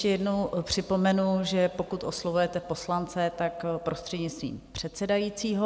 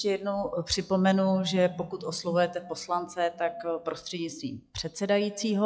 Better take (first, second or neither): first